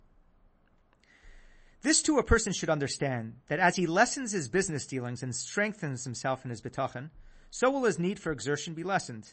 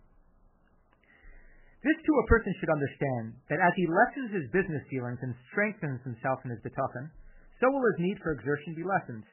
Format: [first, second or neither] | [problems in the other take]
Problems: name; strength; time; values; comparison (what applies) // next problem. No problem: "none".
first | garbled, watery; badly; nothing above 3 kHz; slightly in the first